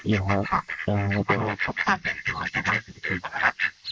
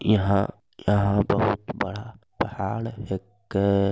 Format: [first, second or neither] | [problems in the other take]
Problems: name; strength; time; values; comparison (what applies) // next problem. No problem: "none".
second | noise reduction (neural mask model Resemble Enhance denoiser)